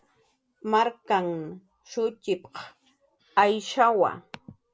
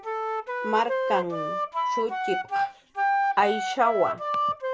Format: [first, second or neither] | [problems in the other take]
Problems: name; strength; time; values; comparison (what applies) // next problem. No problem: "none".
first | background sound (Wind instrument, woodwind instrument); 1 dB above the speech